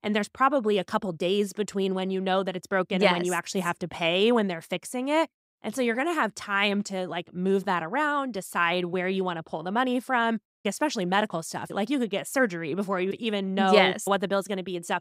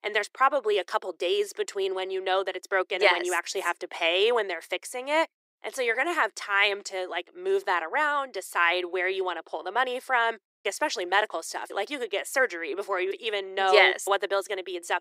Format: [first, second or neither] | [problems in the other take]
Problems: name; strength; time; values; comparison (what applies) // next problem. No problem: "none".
first | thin; very; fading below 350 Hz